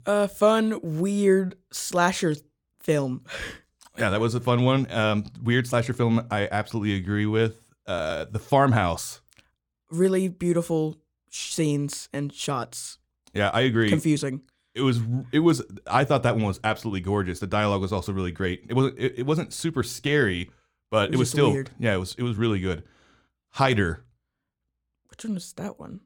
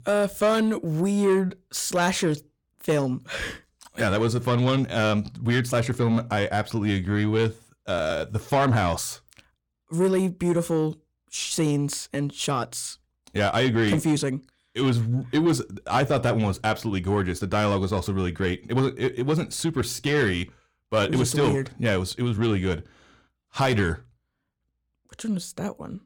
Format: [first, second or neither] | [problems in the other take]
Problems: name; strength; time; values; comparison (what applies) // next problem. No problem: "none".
first | distortion; slight; 10 dB below the speech